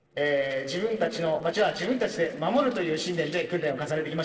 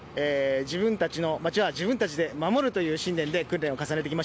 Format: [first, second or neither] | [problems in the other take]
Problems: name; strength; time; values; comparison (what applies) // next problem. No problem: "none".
second | noise reduction (neural separator model SepFormer DNS4)